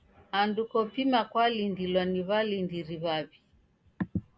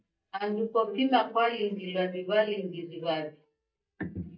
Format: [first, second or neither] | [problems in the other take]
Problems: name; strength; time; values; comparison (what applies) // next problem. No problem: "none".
first | noise reduction (neural mask model DeepFilterNet 3)